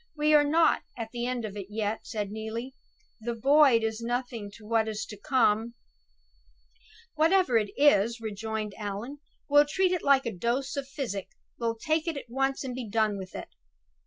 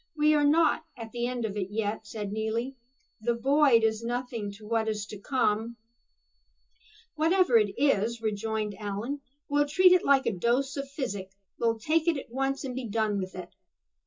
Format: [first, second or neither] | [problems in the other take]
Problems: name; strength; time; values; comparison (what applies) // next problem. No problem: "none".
first | room echo; dies away in 0.2 s